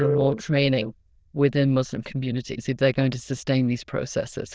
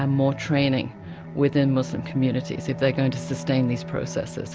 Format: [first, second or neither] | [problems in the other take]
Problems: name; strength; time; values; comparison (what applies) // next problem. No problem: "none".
second | noise reduction (neural diffusion model UNIVERSE++)